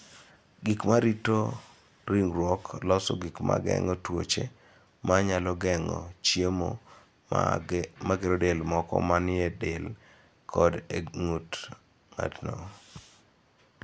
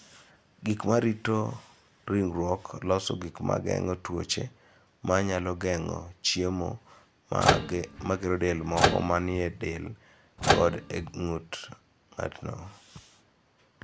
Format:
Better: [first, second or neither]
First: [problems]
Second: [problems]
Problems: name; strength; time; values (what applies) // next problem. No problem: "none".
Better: first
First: none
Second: background sound (Microwave oven); 2 dB above the speech